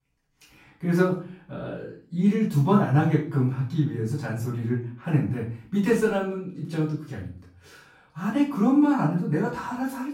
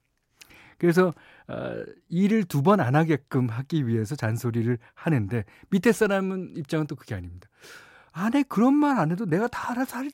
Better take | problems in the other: second | off-mic speech; far // room echo; noticeable; dies away in 0.4 s

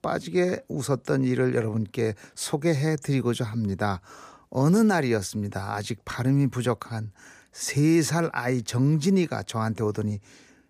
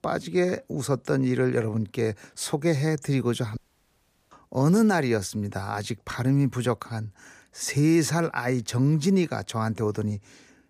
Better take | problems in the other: first | audio cutting out; at 3.5 s for 0.5 s

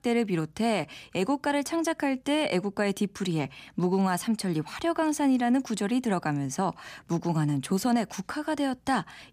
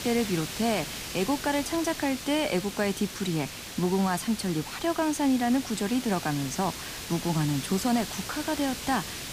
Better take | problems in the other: first | hiss; loud; throughout; 8 dB below the speech

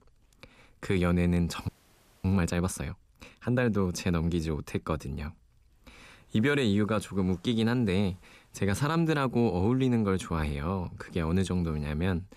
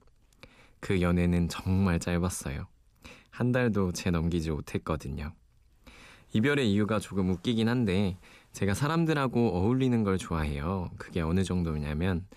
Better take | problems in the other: second | audio freezing; at 1.5 s for 0.5 s

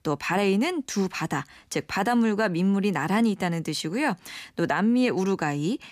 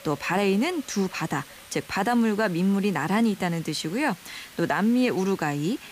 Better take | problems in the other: first | hiss; noticeable; throughout; 20 dB below the speech

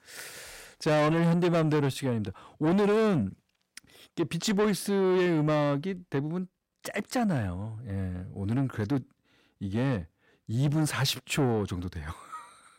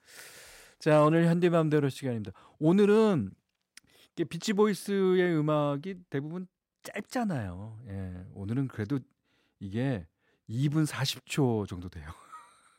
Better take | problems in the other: second | distortion; heavy; 8 dB below the speech

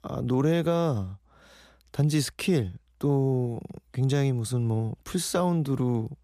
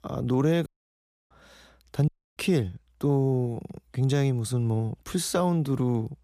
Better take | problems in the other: first | audio cutting out; at 0.5 s for 0.5 s and at 2 s

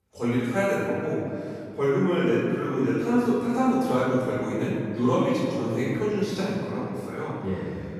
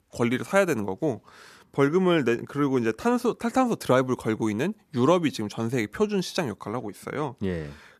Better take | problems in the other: second | off-mic speech; far // room echo; strong; dies away in 2.5 s

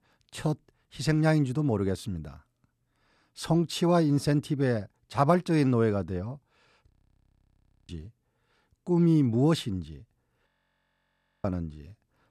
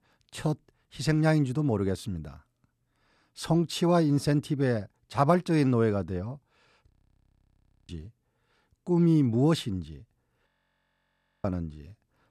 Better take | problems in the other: neither | audio freezing; at 7 s for 1 s and at 10 s for 1 s; the same in both

